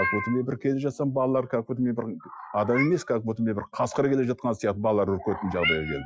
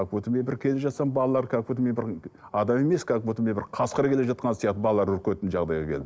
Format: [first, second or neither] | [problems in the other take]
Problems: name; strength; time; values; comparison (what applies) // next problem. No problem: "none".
second | noise reduction (classical method Wiener filter)